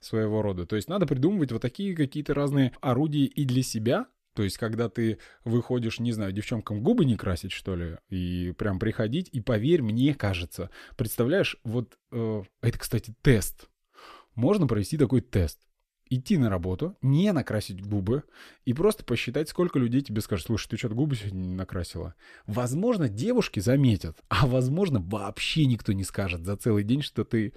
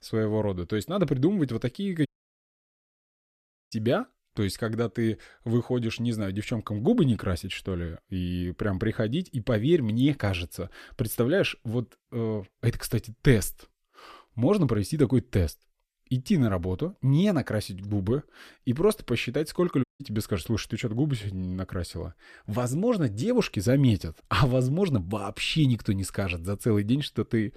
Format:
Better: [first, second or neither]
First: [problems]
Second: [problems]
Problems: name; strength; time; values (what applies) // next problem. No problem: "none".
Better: first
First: none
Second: audio cutting out; at 2 s for 1.5 s and at 20 s